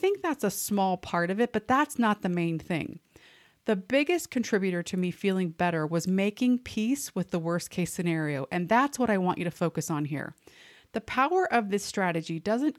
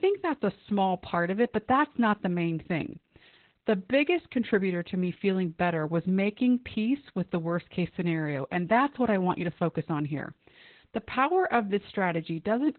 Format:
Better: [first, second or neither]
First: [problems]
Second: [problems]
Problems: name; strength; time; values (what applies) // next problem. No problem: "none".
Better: first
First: none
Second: garbled, watery; badly; nothing above 4 kHz